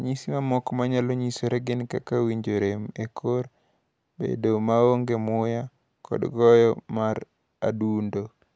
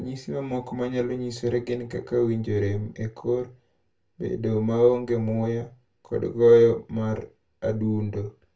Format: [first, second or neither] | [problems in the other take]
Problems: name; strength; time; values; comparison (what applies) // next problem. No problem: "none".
first | room echo; dies away in 0.2 s